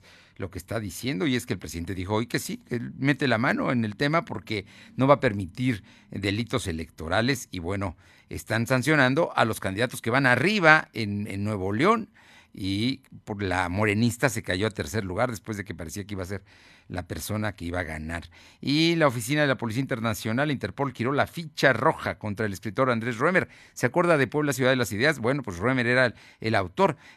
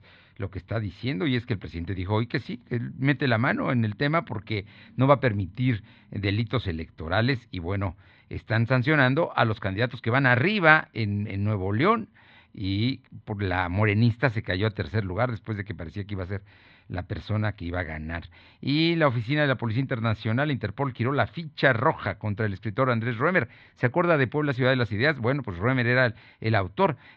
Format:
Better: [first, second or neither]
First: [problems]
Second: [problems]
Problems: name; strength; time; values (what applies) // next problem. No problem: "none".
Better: first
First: none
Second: muffled; very slightly; fading above 4 kHz